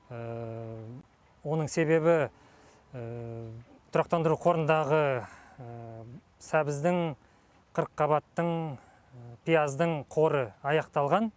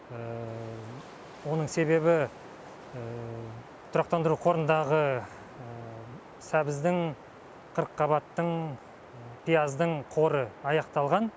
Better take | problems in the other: first | background sound (Wind); 18 dB below the speech

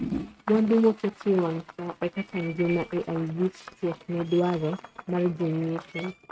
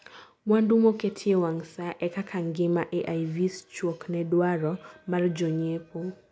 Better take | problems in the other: second | noise reduction (neural mask model RNNoise)

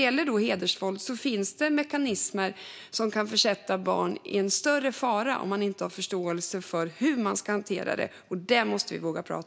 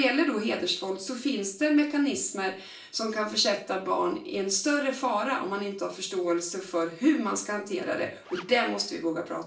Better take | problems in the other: first | noise reduction (neural separator model SepFormer DNS4)

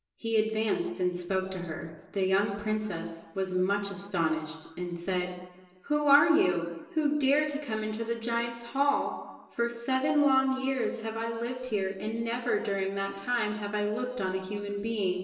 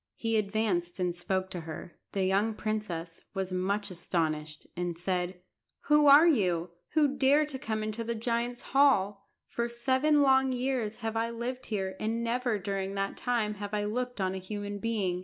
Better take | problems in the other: second | room echo; dies away in 1 s

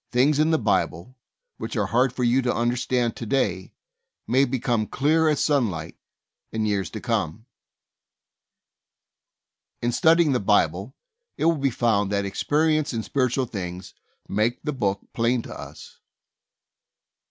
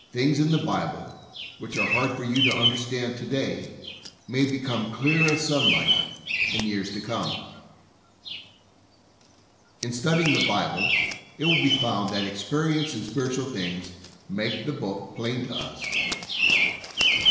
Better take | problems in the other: first | background sound (Bird vocalization, bird call, bird song); 1 dB below the speech // room echo; dies away in 1 s

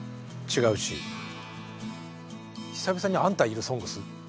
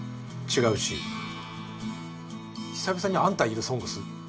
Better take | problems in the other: first | room echo; dies away in 0.2 s

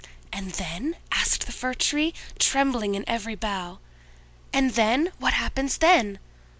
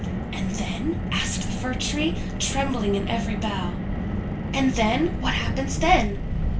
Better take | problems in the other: first | background sound (Car); 1 dB below the speech // room echo; dies away in 0.3 s

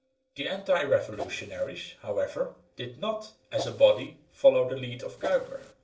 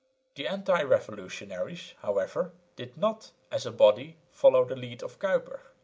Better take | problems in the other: second | noise reduction (neural separator model SepFormer DNS4)

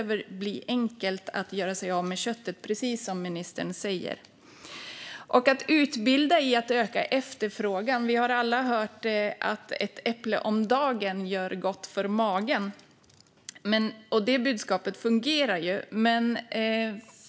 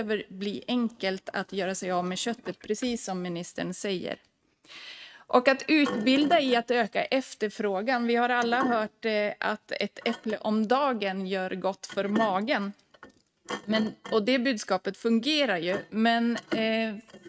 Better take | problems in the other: first | noise reduction (neural mask model RNNoise)

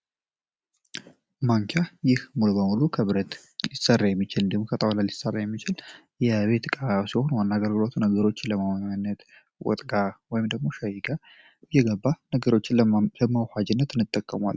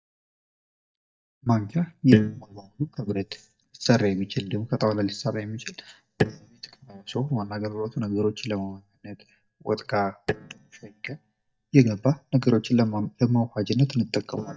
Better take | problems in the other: first | noise reduction (neural mask model DeepFilterNet 3)

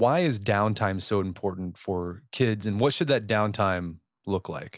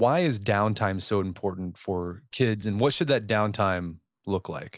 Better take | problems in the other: first | noise reduction (neural mask model Resemble Enhance denoiser)

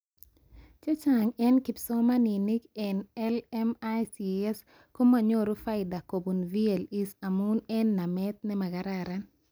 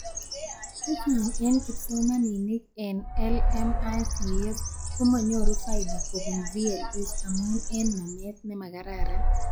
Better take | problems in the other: first | noise reduction (classical method log-MMSE)

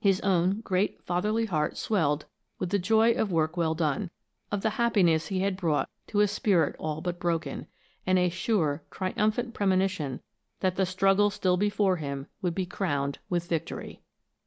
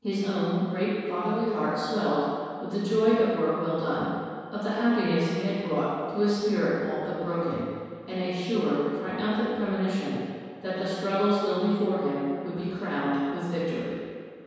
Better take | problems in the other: first | room echo; dies away in 1.9 s

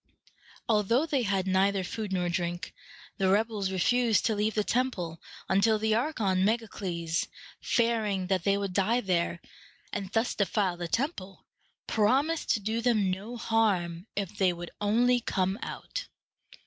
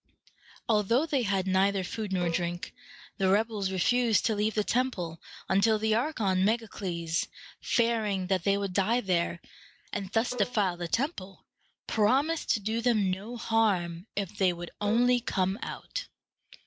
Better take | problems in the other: first | background sound (Bowed string instrument); 17 dB below the speech

